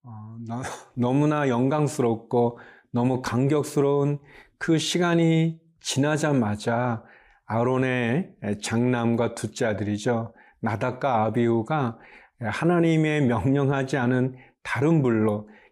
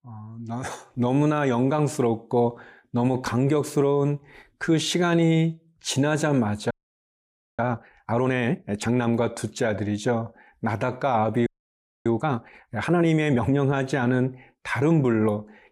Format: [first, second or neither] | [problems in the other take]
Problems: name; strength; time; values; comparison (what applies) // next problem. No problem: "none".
first | audio freezing; at 6.5 s for 1 s and at 11 s for 0.5 s